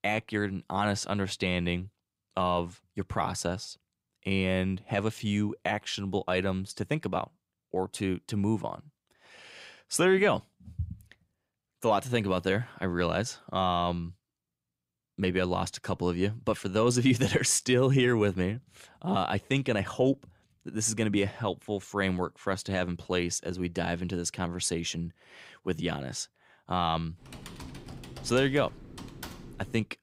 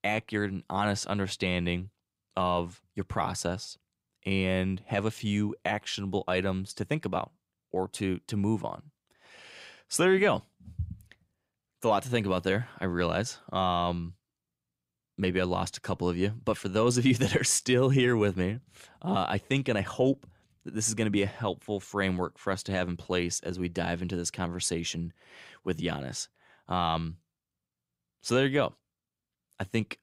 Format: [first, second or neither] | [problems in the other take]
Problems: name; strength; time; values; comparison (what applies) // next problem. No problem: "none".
second | keyboard typing; faint; from 27 s on; peak 15 dB below the speech